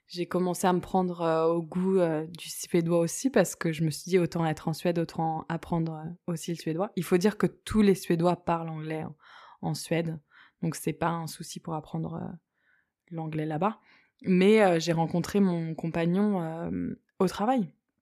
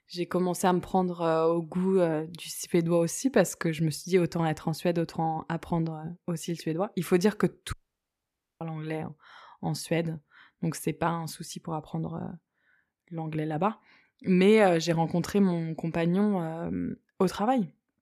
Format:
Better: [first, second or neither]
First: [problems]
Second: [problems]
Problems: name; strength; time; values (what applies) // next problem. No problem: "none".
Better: first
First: none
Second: audio cutting out; at 7.5 s for 1 s